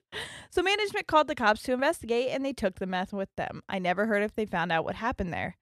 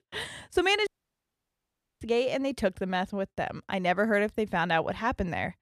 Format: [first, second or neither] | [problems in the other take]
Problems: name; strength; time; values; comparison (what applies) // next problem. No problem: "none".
first | audio cutting out; at 1 s for 1 s